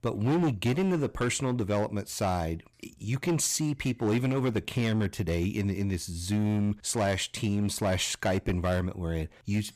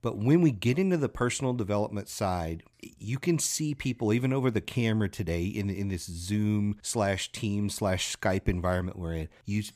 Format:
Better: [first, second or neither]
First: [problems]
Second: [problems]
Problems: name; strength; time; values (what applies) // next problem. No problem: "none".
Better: second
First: distortion; slight; 11% of the sound clipped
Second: none